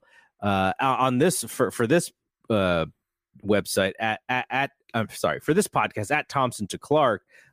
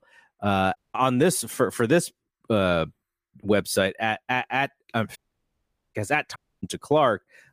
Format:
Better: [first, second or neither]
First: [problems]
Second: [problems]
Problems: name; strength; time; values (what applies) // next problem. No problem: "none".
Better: first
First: none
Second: audio cutting out; at 1 s, at 5 s for 1 s and at 6.5 s